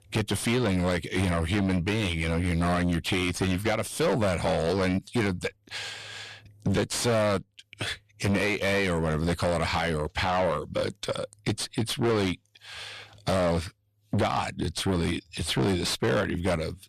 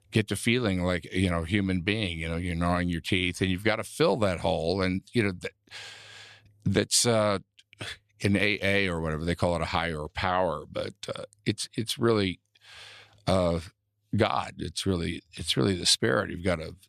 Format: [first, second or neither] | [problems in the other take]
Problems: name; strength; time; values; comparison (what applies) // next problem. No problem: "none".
second | distortion; heavy; 5 dB below the speech